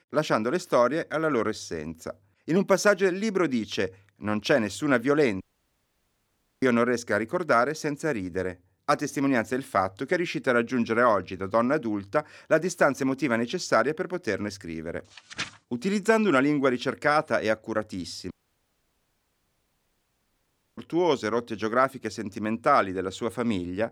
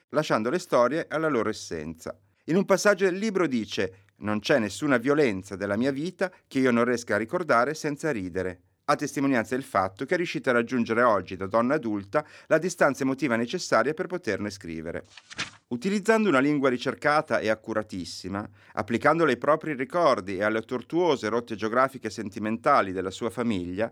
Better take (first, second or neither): second